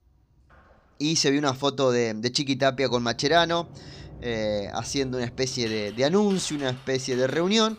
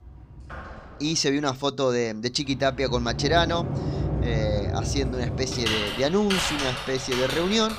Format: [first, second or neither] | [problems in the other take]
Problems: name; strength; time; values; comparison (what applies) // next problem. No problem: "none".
first | household noises; loud; throughout; 3 dB below the speech; faint in the first